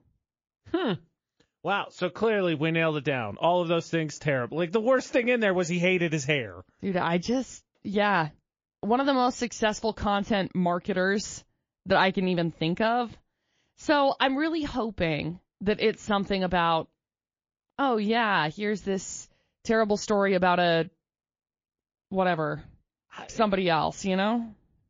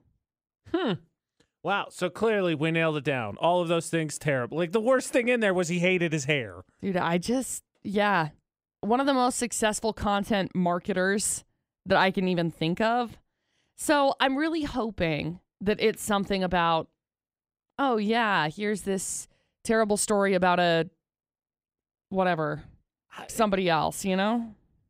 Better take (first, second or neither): second